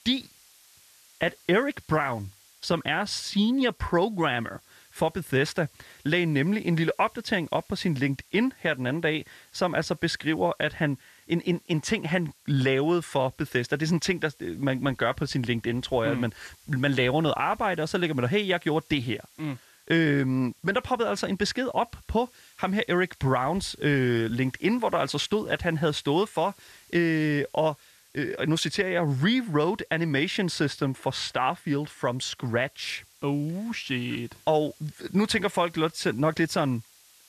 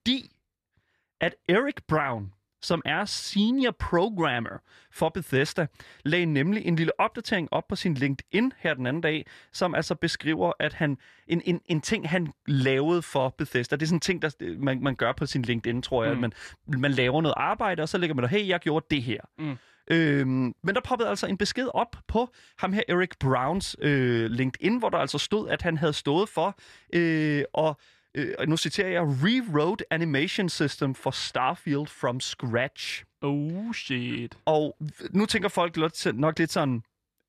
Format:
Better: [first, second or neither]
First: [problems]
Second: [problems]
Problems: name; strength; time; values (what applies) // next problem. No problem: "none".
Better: second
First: hiss; faint; throughout; 30 dB below the speech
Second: none